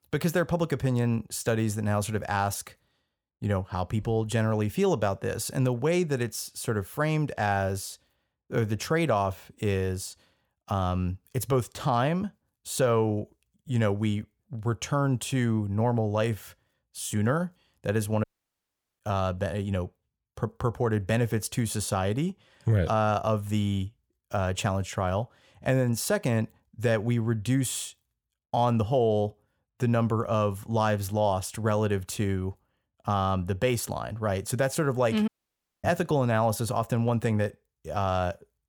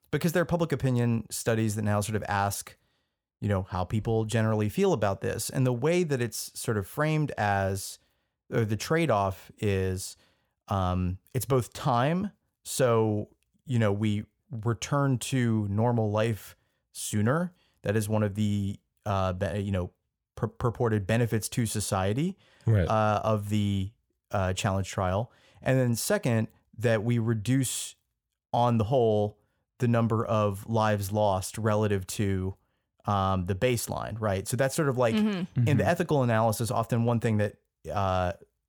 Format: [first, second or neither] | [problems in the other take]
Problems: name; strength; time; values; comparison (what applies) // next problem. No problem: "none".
second | audio cutting out; at 18 s for 1 s and at 35 s for 0.5 s